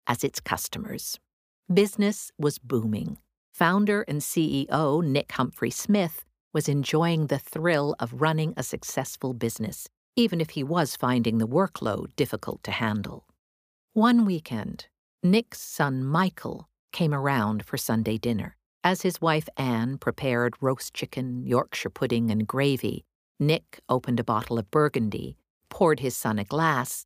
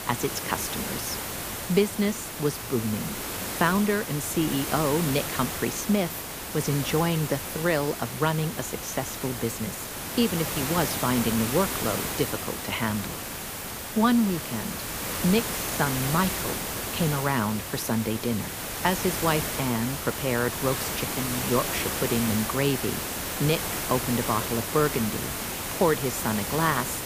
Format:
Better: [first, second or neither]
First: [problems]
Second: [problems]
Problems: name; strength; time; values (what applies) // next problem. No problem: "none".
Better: first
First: none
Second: hiss; loud; throughout; 3 dB below the speech